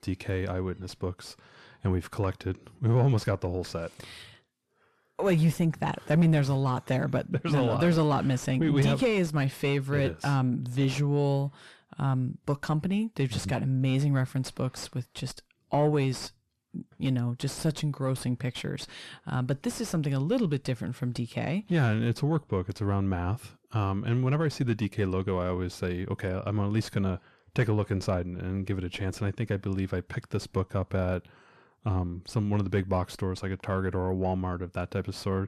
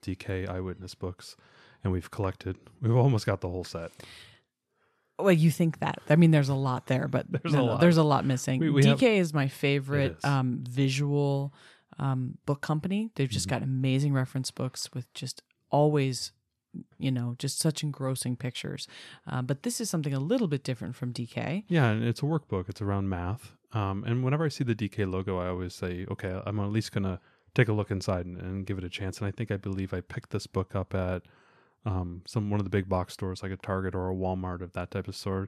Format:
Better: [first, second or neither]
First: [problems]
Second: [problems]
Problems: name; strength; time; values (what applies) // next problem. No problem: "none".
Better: second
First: distortion; slight; 10 dB below the speech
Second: none